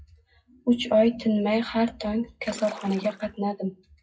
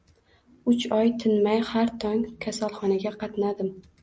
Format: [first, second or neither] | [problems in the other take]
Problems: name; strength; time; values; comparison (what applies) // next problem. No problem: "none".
second | noise reduction (classical method WPE with log-MMSE)